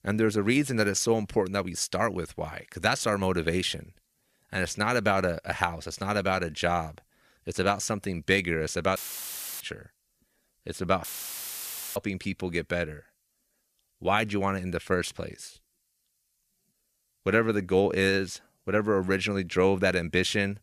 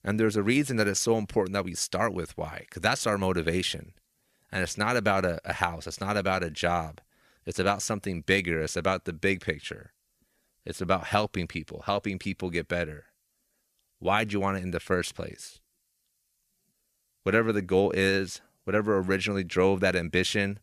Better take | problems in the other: second | audio cutting out; filled with static; at 9 s for 0.5 s and at 11 s for 1 s

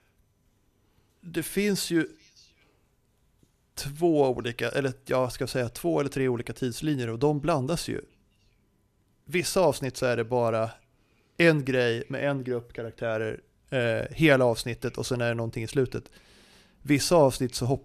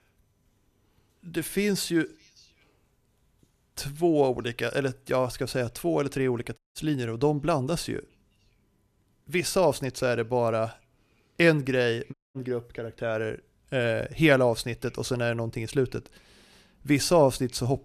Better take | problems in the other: first | audio cutting out; at 6.5 s and at 12 s

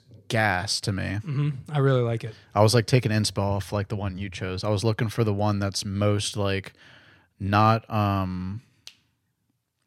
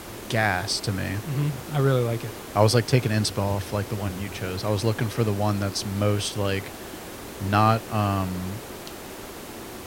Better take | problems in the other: first | hiss; noticeable; throughout; 10 dB below the speech

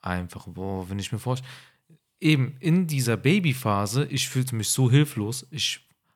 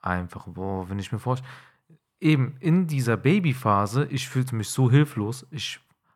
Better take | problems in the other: first | muffled; slightly; fading above 2 kHz

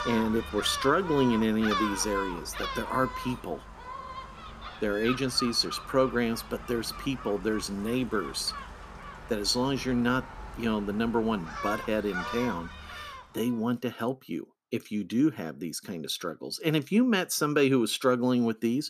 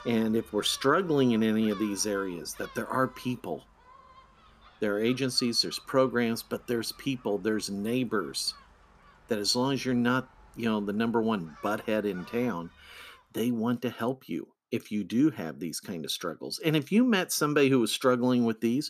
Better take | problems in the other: second | animal sounds; loud; until 13 s; 9 dB below the speech; faint in the second

